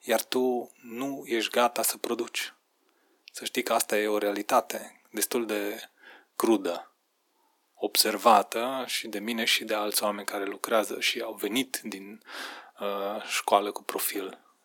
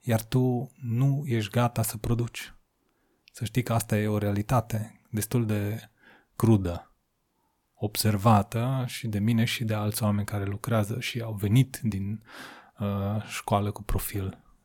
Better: second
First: thin; very; fading below 300 Hz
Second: none

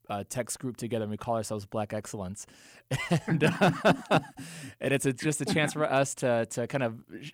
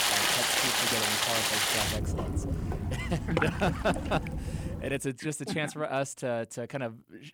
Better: first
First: none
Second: rain or running water; very loud; until 5 s; 5 dB above the speech

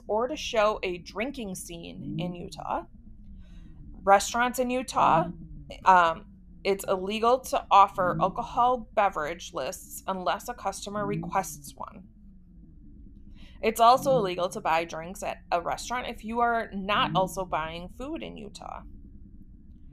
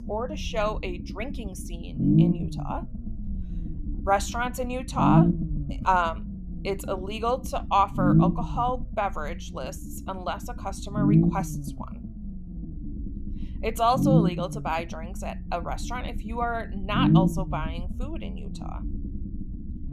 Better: first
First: low rumble; faint; throughout; 25 dB below the speech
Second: low rumble; loud; throughout; 5 dB below the speech

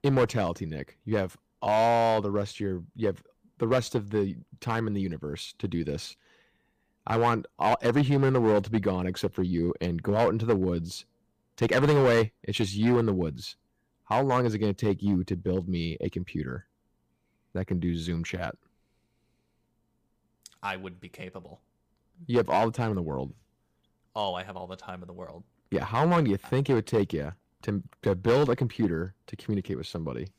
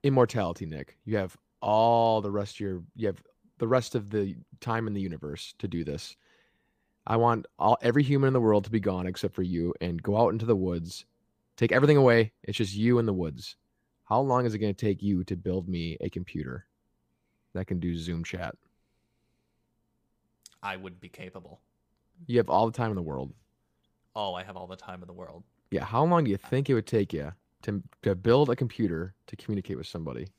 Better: second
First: distortion; slight; 3% of the sound clipped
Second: none

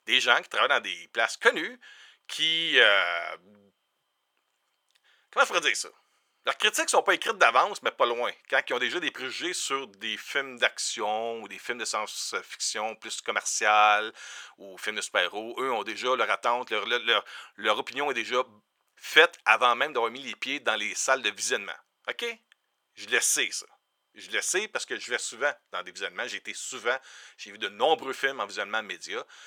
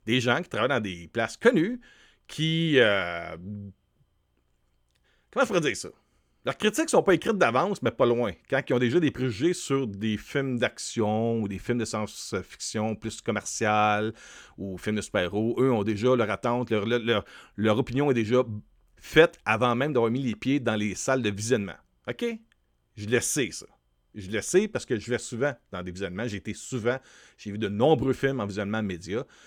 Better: second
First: thin; very; fading below 900 Hz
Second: none

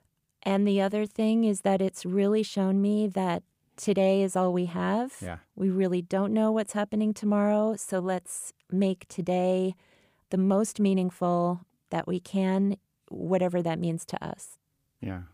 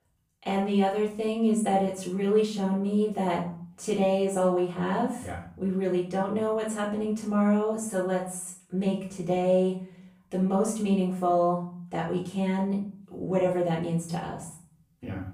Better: first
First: none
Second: off-mic speech; far // room echo; noticeable; dies away in 0.4 s

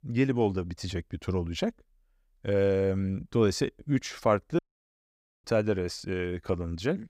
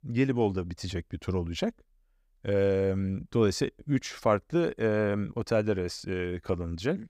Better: second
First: audio cutting out; at 4.5 s for 1 s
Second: none

